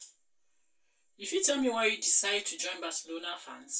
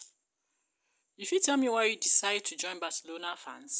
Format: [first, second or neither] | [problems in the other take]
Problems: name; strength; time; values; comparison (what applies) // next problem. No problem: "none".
second | room echo; dies away in 0.2 s